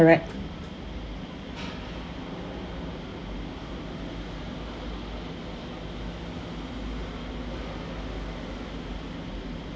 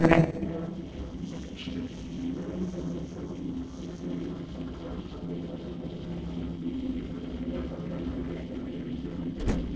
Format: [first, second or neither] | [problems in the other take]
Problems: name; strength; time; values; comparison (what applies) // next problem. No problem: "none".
first | noise reduction (neural separator model SepFormer DNS4)